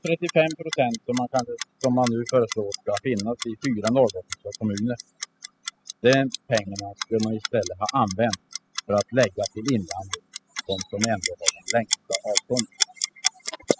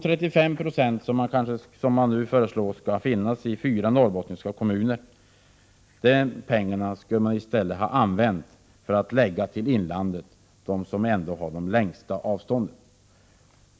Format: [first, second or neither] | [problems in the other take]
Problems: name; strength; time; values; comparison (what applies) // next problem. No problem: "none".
second | noise reduction (classical method spectral subtraction)